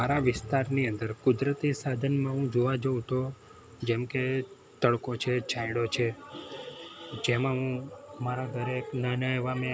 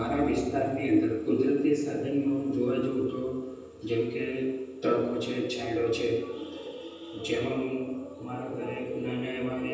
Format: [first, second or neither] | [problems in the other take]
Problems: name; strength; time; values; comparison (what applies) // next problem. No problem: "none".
first | room echo; dies away in 1.1 s